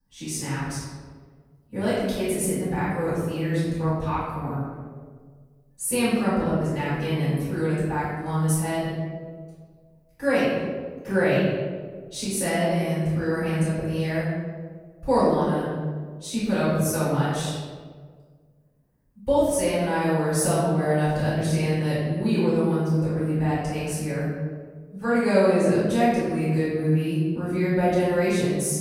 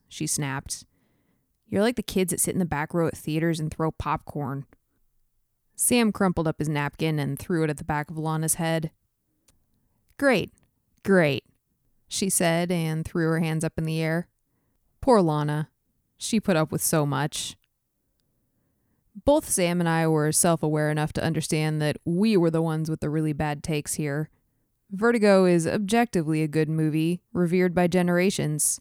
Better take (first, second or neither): second